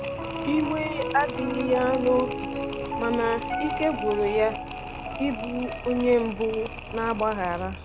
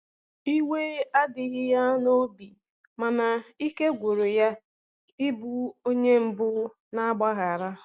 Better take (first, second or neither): second